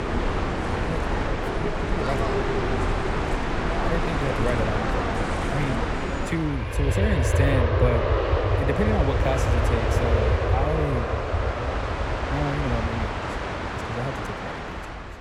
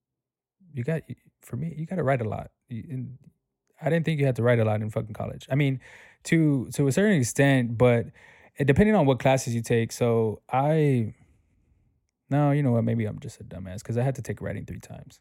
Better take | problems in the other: second | train or aircraft noise; very loud; throughout; 5 dB above the speech

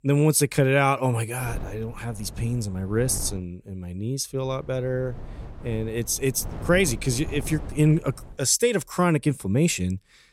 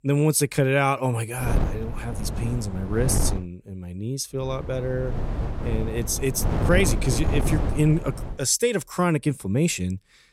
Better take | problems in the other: first | wind noise on the microphone; heavy; from 1.5 to 3.5 s and from 4.5 to 8.5 s; 8 dB below the speech; occasional gusts in the first

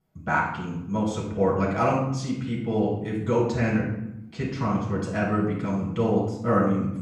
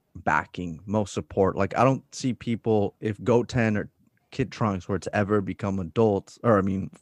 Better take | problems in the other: second | off-mic speech; far // room echo; noticeable; dies away in 0.8 s

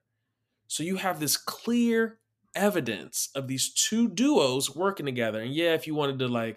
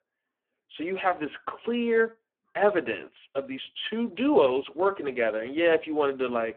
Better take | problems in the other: first | phone-call audio; poor line

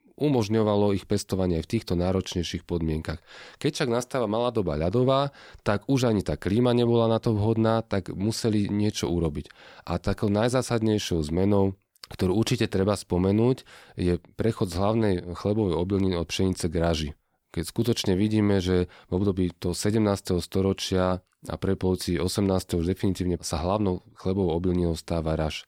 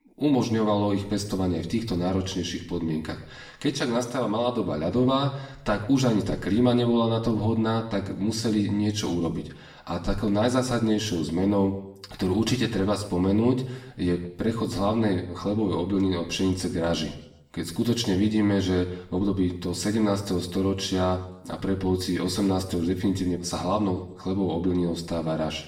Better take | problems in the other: first | room echo; slight; dies away in 0.7 s // off-mic speech; far

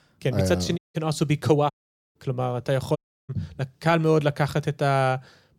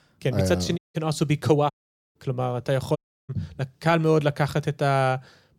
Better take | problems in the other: neither | audio cutting out; at 1 s, at 1.5 s and at 3 s; the same in both

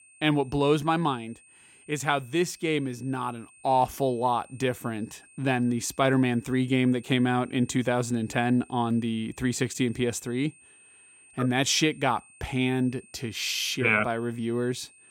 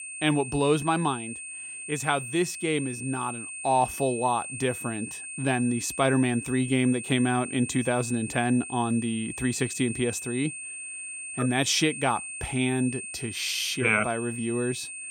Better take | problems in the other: first | high-pitched whine; loud; throughout; 2.5 kHz, 8 dB below the speech; faint in the first

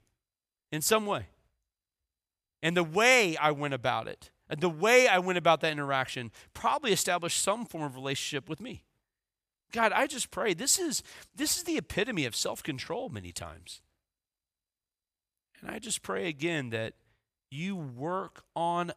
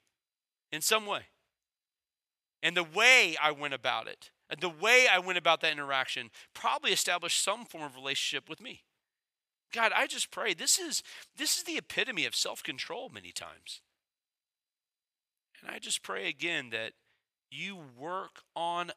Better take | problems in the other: first | thin; somewhat; fading below 1 kHz

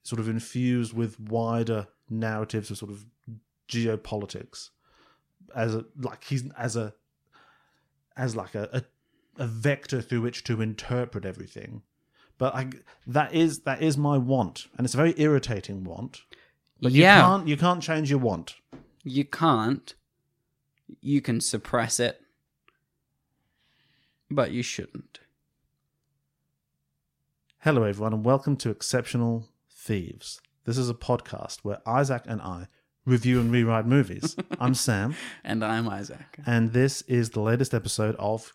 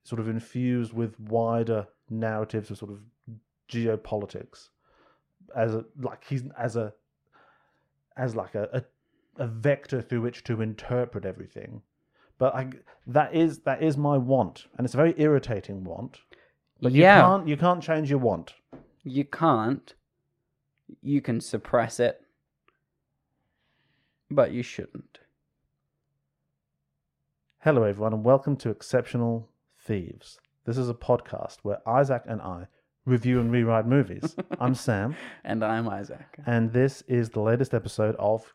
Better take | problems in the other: first | muffled; slightly; fading above 3 kHz

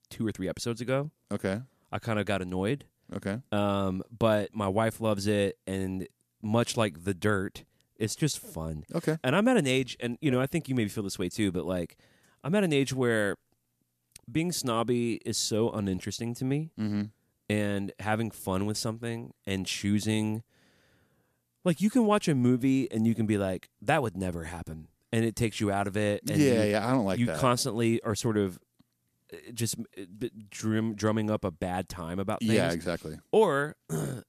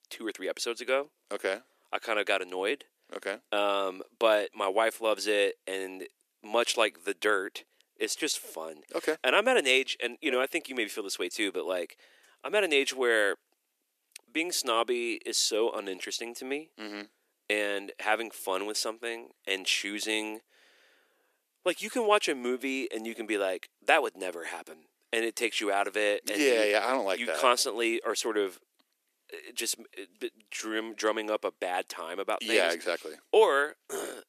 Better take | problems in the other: first | thin; very; fading below 350 Hz

